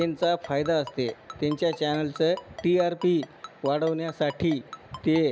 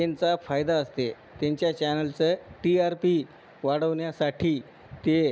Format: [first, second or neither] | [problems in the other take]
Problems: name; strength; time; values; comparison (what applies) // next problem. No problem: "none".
second | background sound (Ringtone); 18 dB below the speech